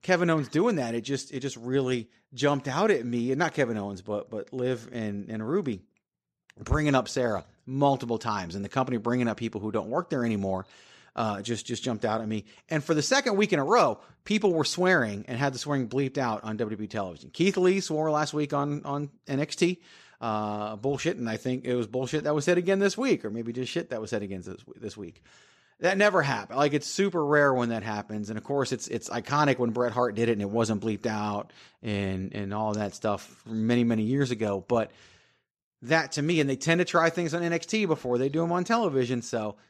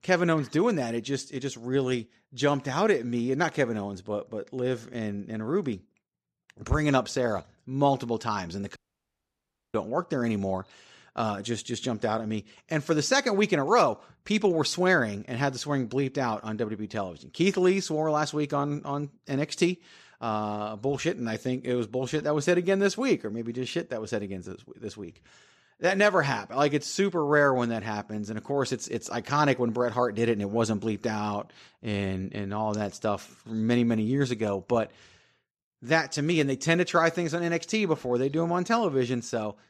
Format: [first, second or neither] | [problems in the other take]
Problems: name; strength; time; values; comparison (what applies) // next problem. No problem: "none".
first | audio cutting out; at 9 s for 1 s